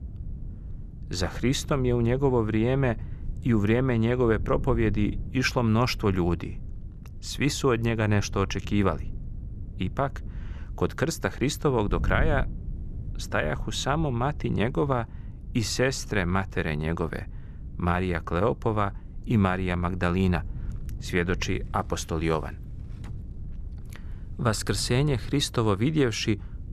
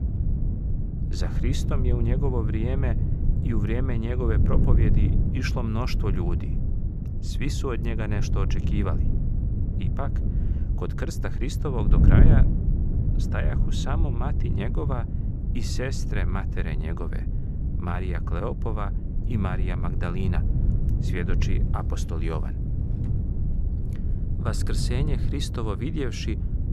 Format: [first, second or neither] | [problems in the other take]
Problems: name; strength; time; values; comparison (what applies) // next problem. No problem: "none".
first | wind noise on the microphone; heavy; 4 dB below the speech; occasional gusts in the first